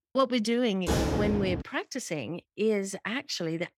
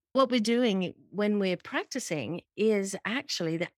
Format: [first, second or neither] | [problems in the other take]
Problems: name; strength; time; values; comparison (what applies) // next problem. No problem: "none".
second | door banging; loud; at 1 s; peak 2 dB above the speech